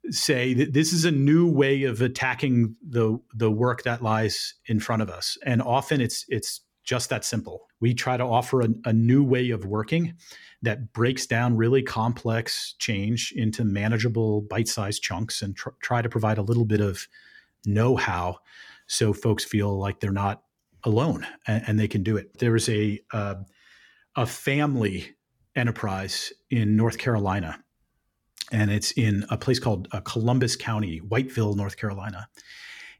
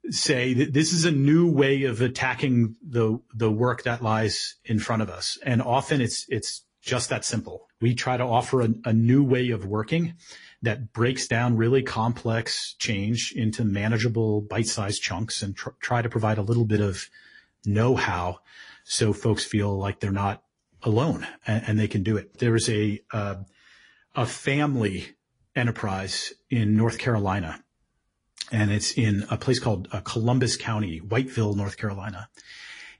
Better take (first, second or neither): first